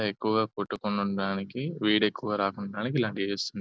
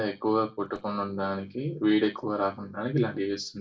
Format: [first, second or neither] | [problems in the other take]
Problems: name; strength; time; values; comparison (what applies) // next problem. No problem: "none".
first | room echo; dies away in 0.2 s